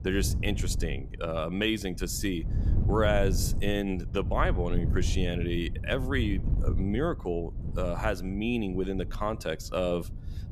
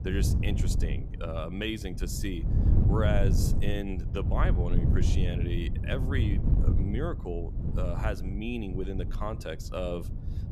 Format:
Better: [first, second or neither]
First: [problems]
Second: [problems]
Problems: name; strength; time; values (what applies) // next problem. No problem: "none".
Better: first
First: wind noise on the microphone; occasional gusts; 15 dB below the speech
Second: wind noise on the microphone; heavy; 6 dB below the speech